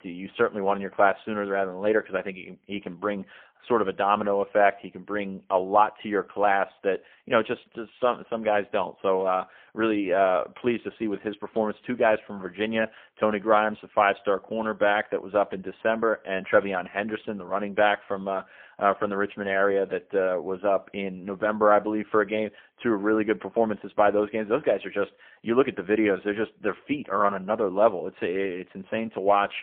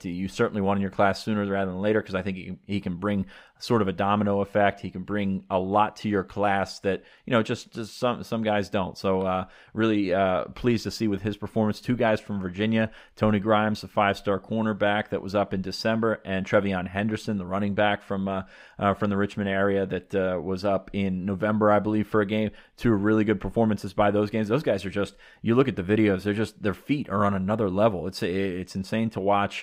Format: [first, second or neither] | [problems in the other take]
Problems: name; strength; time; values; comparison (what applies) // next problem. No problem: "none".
second | phone-call audio; poor line; nothing above 3.5 kHz